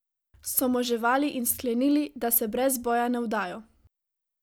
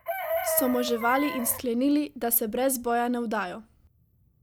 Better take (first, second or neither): first